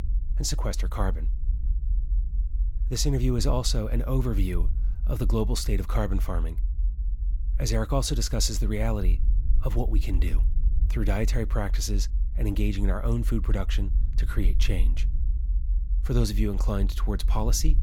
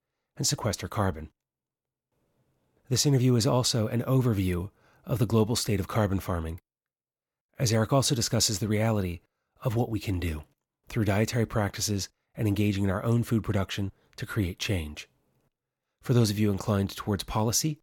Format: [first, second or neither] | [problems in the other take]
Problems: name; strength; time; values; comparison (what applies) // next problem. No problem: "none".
second | low rumble; noticeable; throughout; 20 dB below the speech